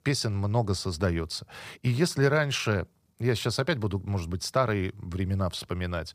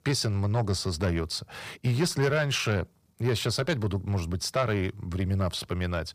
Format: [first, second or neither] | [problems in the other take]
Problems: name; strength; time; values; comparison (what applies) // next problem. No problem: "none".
first | distortion; slight; 10 dB below the speech